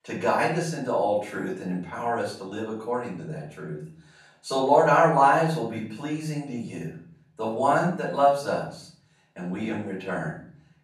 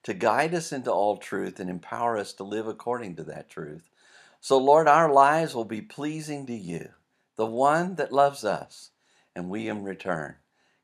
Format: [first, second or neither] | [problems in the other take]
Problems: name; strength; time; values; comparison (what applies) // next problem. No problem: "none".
second | off-mic speech; far // room echo; slight; dies away in 0.6 s